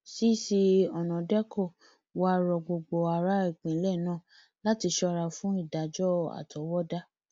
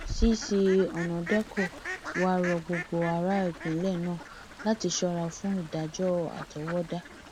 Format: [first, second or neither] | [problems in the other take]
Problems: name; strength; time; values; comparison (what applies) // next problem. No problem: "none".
first | background sound (Fowl); 9 dB below the speech